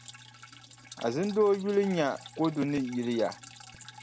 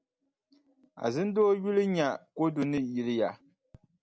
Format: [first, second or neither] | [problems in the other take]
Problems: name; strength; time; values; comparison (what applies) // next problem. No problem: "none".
second | background sound (Drip); 19 dB below the speech